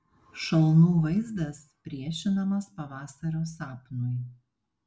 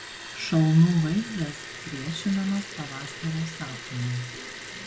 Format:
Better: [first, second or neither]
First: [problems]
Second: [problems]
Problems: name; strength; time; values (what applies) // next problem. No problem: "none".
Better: first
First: none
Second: background sound (Liquid); 12 dB below the speech